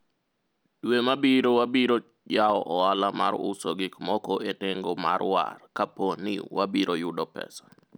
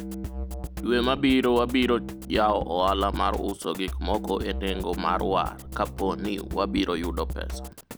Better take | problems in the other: first | background sound (Drum kit); 8 dB below the speech

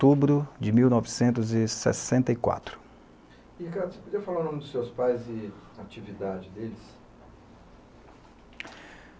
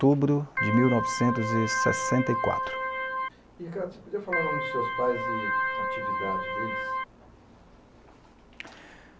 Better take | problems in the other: first | background sound (Organ); as loud as the speech

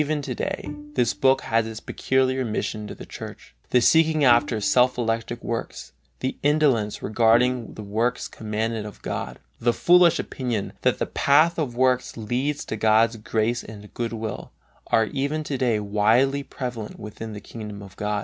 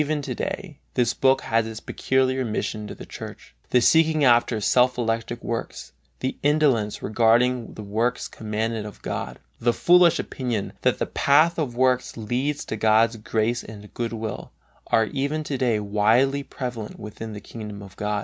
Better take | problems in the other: second | background sound (Bowed string instrument); 16 dB below the speech

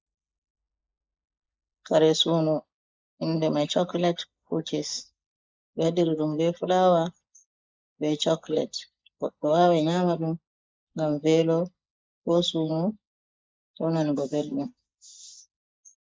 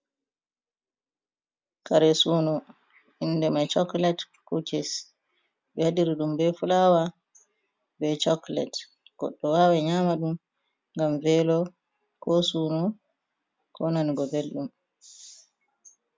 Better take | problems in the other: second | noise reduction (neural mask model Resemble Enhance denoiser)

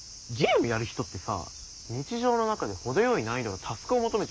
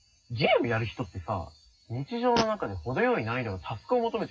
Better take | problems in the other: first | noise reduction (classical method WPE with log-MMSE)

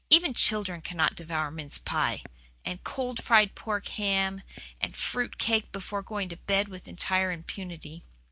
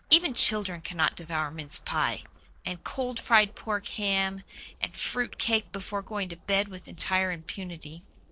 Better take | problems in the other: first | noise reduction (neural separator model SepFormer DNS4)

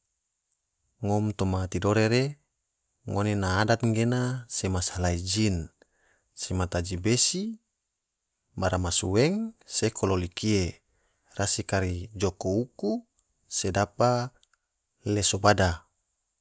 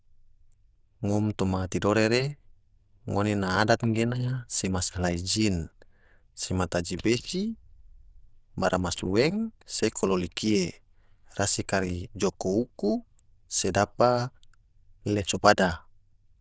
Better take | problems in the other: first | noise reduction (neural diffusion model UNIVERSE++)

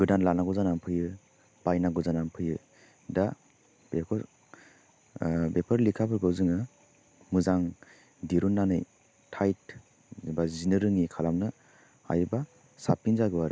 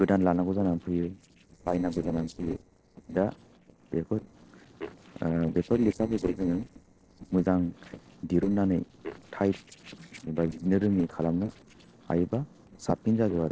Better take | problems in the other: first | noise reduction (neural separator model SepFormer DNS4)

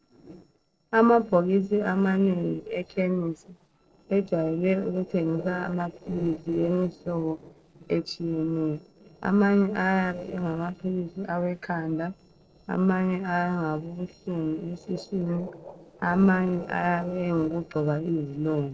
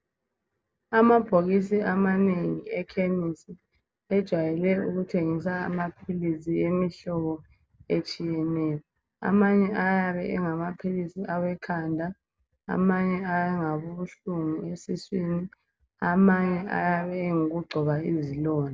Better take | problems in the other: second | noise reduction (neural separator model SepFormer DNS4)

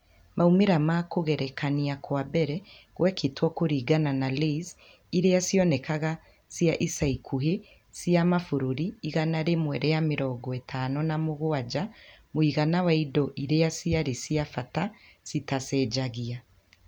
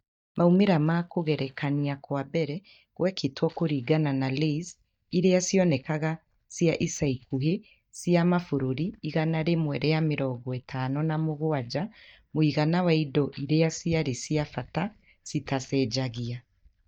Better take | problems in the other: first | noise reduction (neural mask model DeepFilterNet 3)

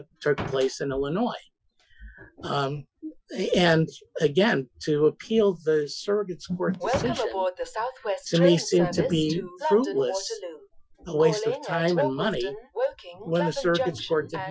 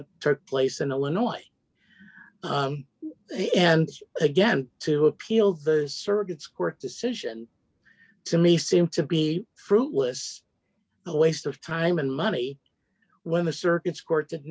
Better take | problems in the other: second | noise reduction (classical method Wiener filter)

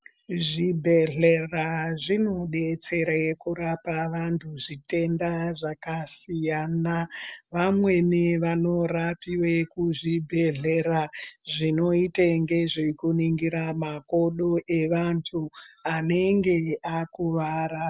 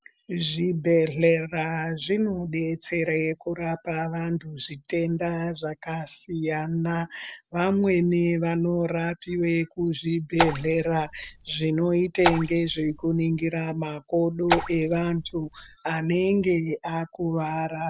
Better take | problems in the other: first | background sound (Raindrop / Splash, splatter); 5 dB below the speech

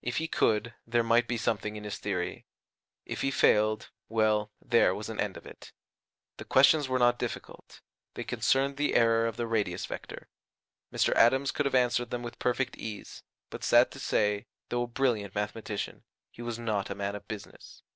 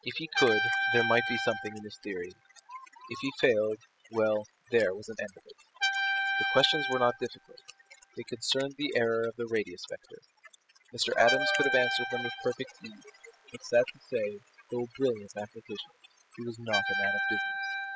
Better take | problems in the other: first | noise reduction (classical method spectral subtraction)

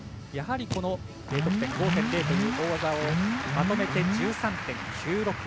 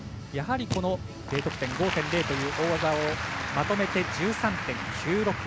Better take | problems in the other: second | background sound (Alarm); 1 dB above the speech

